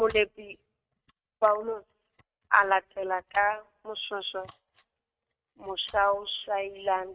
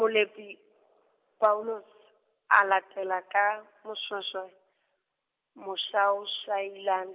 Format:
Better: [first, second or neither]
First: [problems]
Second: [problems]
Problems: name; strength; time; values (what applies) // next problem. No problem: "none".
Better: second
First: noise reduction (neural mask model RNNoise)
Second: none